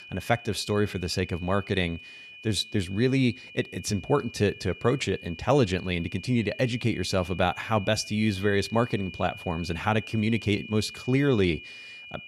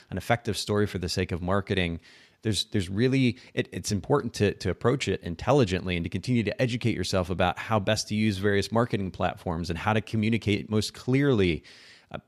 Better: second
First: high-pitched whine; noticeable; throughout; 2.5 kHz, 15 dB below the speech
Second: none

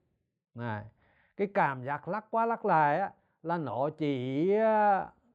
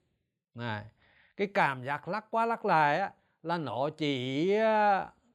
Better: second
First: muffled; slightly; fading above 2 kHz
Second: none

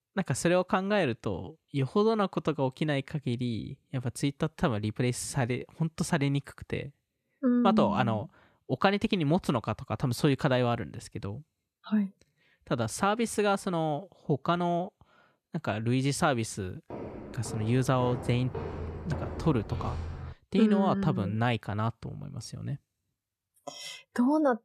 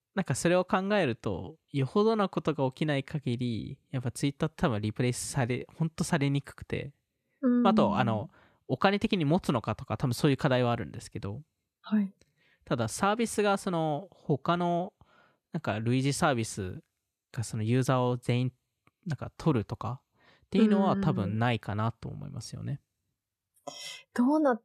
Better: second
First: footsteps; noticeable; from 17 to 20 s; peak 7 dB below the speech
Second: none

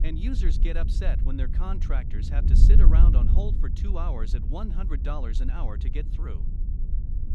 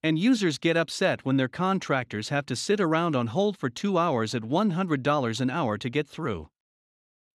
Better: second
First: wind noise on the microphone; heavy; 4 dB below the speech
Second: none

